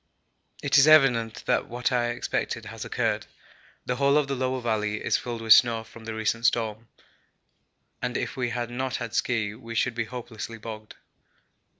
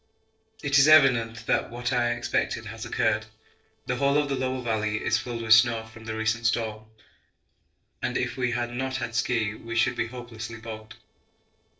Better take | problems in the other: first | noise reduction (neural separator model SepFormer DNS4)

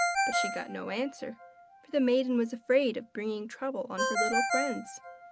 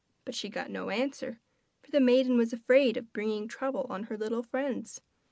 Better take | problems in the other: second | background sound (Ringtone); 2 dB below the speech

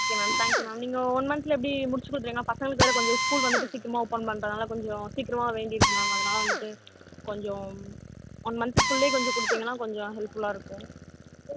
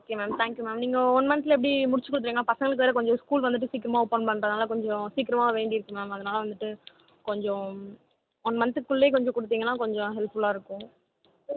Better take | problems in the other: second | background sound (Drill); 1 dB above the speech

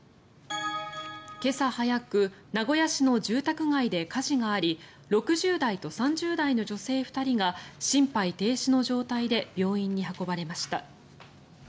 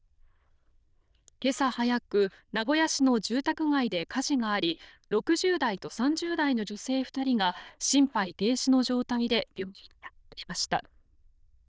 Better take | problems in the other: first | noise reduction (neural diffusion model UNIVERSE++)

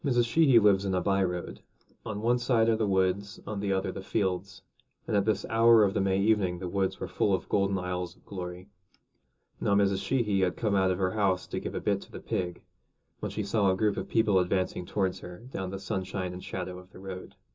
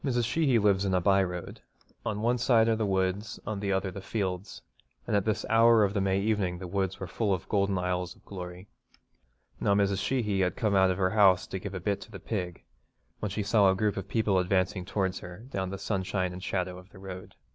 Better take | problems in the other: second | room echo; dies away in 0.2 s

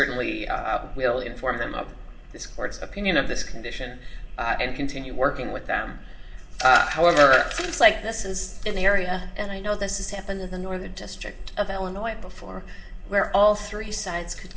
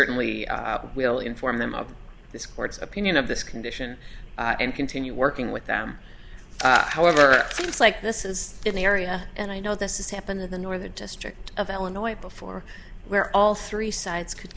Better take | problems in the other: second | room echo; dies away in 1.3 s

